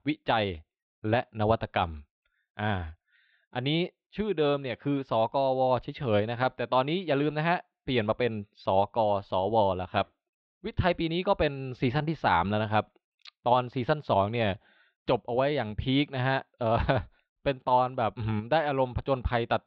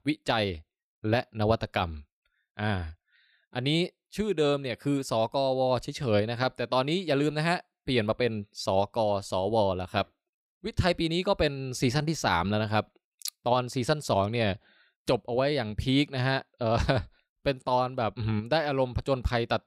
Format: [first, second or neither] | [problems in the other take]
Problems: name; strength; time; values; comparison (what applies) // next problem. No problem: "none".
second | muffled; slightly; fading above 3.5 kHz